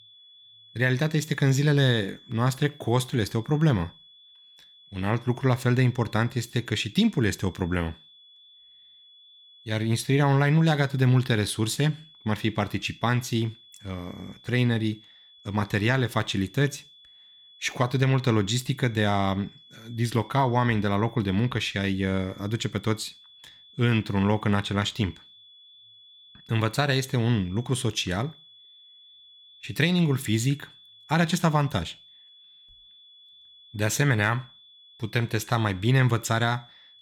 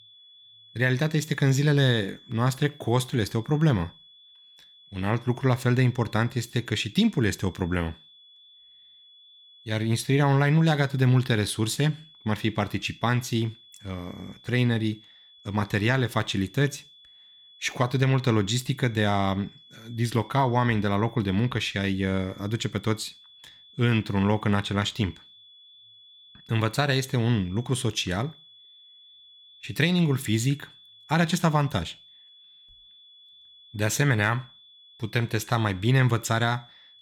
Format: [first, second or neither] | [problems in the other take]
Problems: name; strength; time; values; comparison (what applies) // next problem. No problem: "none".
neither | high-pitched whine; faint; throughout; 3.5 kHz, 25 dB below the speech; the same in both